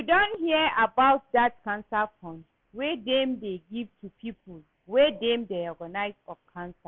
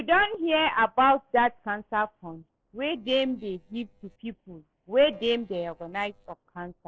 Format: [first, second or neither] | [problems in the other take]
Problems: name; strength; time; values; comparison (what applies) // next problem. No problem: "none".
first | noise reduction (neural separator model SepFormer DNS4)